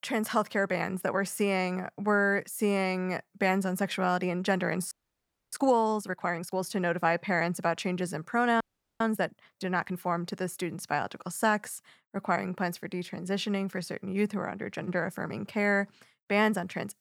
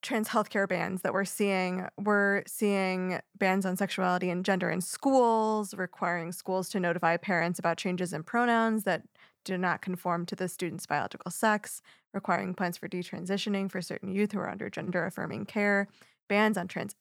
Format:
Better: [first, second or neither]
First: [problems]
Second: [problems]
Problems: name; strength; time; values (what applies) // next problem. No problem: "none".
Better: second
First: audio freezing; at 5 s for 0.5 s and at 8.5 s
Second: none